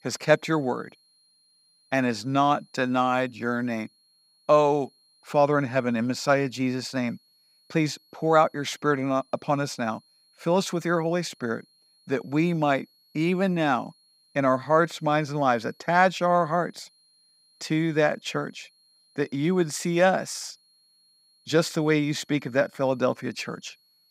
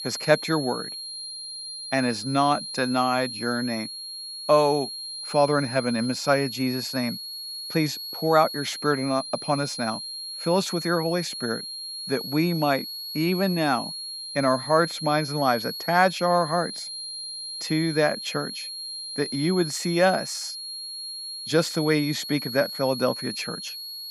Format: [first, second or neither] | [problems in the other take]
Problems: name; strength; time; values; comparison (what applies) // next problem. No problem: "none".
first | high-pitched whine; loud; throughout; 4.5 kHz, 7 dB below the speech; faint in the first